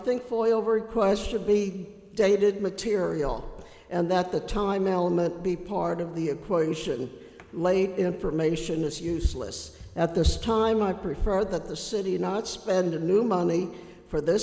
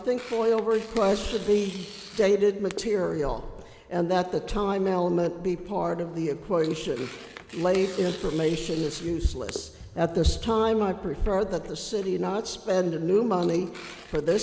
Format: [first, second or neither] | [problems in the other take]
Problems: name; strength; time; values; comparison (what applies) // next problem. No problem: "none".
first | background sound (Tearing); 19 dB below the speech